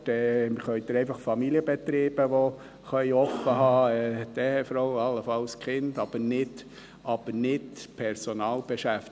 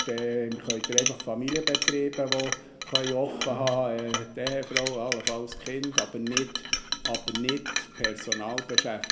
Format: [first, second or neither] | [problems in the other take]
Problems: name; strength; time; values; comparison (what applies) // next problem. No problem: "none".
first | background sound (Chink, clink); 1 dB below the speech // room echo; dies away in 1.5 s